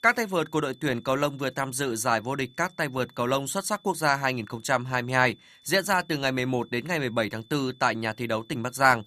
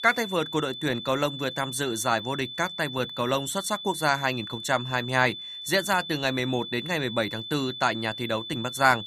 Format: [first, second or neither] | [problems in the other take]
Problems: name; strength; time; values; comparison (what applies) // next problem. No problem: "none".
first | high-pitched whine; loud; throughout; 3.5 kHz, 8 dB below the speech; faint in the first